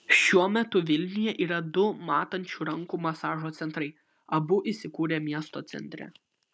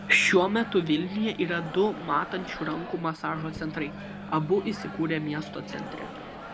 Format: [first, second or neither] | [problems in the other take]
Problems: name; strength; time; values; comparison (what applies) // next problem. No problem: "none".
first | background sound (Microwave oven); 11 dB below the speech